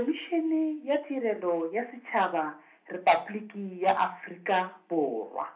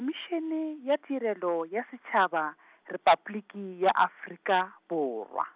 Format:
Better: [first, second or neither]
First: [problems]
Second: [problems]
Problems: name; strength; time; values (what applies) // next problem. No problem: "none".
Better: second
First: room echo; dies away in 0.3 s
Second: none